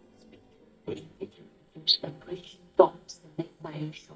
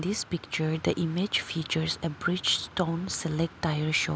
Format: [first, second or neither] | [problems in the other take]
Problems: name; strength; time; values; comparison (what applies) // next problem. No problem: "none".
second | noise reduction (neural mask model DeepFilterNet 3)